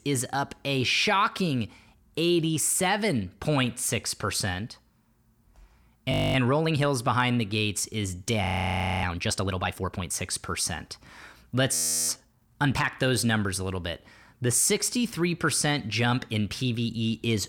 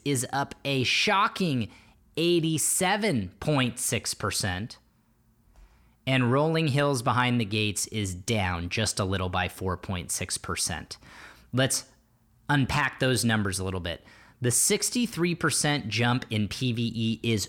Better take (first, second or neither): second